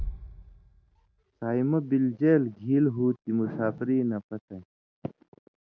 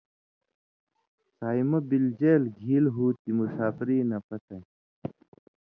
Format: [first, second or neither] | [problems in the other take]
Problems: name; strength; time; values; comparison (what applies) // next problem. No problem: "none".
second | background sound (Bass drum); 17 dB below the speech